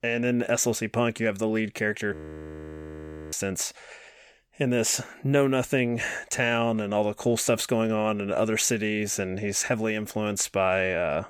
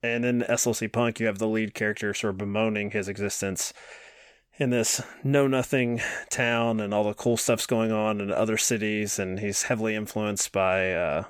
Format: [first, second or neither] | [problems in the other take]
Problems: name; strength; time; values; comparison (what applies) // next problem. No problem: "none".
second | audio freezing; at 2 s for 1 s